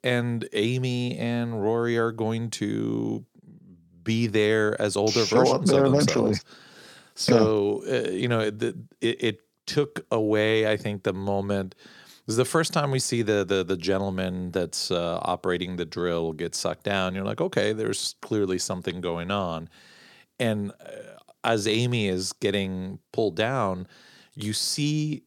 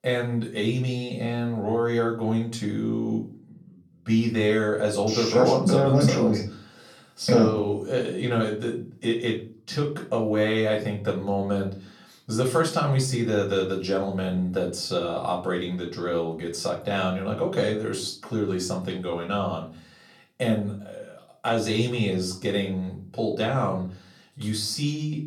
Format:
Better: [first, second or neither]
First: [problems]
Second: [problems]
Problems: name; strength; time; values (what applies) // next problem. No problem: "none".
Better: first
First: none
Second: off-mic speech; far // room echo; slight; dies away in 0.3 s